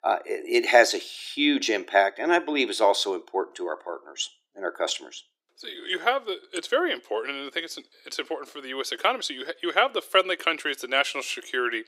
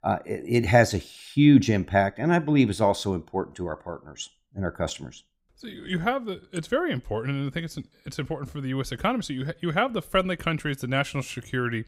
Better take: second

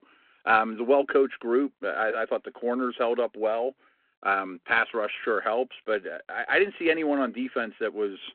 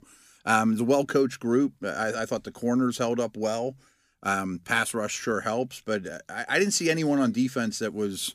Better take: second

